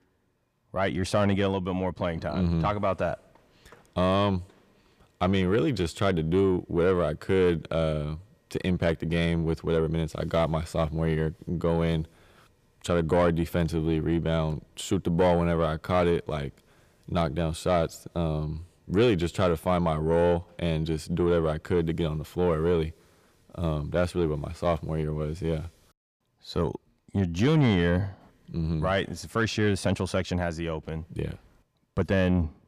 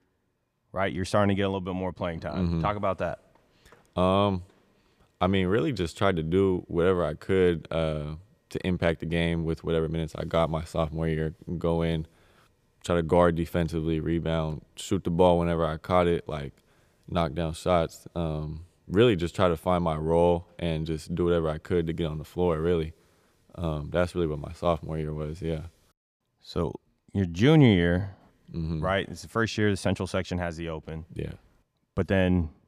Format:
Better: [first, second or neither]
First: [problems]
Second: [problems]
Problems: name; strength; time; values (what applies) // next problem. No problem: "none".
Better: second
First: distortion; slight; 10 dB below the speech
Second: none